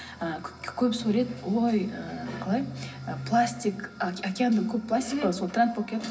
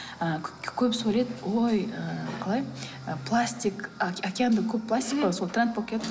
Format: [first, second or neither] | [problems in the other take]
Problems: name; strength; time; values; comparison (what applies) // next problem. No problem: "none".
second | room echo; dies away in 0.4 s